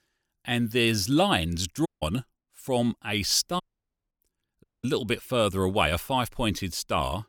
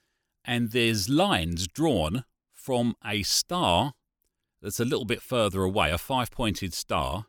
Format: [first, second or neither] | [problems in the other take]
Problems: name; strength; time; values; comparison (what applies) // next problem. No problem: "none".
second | audio cutting out; at 2 s, at 3.5 s for 0.5 s and at 4.5 s